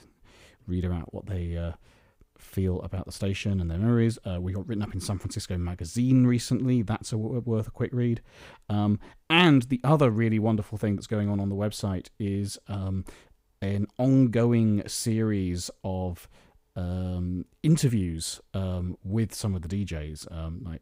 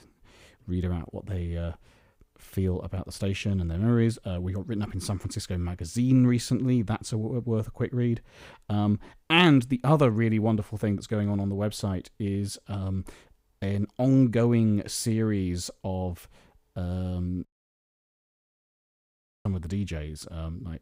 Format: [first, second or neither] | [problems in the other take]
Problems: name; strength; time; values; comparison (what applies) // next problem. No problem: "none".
first | audio cutting out; at 17 s for 2 s